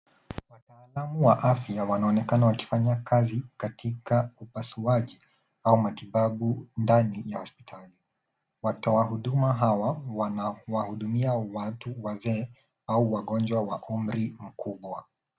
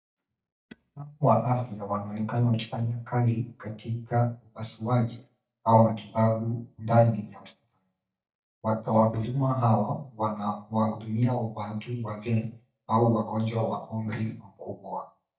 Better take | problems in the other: first | noise reduction (neural mask model DeepFilterNet 3)

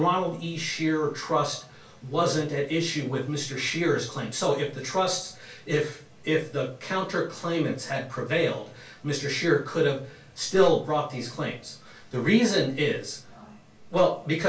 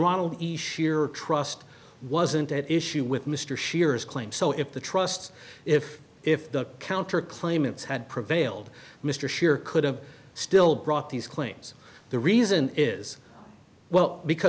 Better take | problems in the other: second | room echo; dies away in 0.2 s

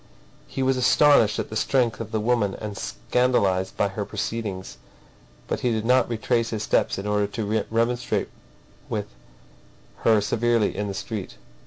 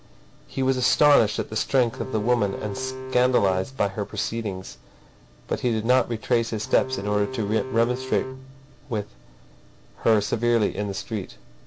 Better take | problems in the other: first | background sound (Bowed string instrument); 11 dB below the speech

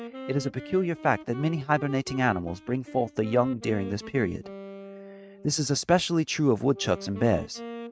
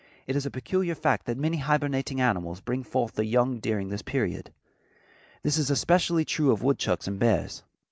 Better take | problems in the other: second | noise reduction (neural mask model RNNoise)

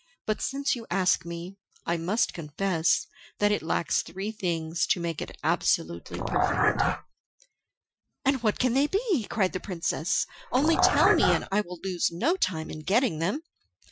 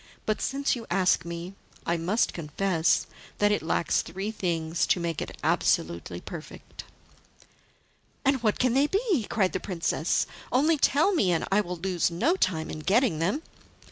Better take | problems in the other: second | noise reduction (classical method Wiener filter)

